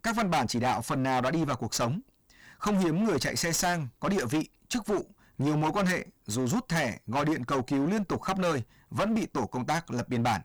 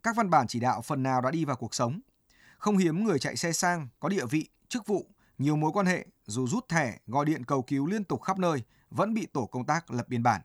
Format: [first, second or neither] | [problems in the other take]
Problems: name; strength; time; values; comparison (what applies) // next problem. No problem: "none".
second | distortion; heavy; 21% of the sound clipped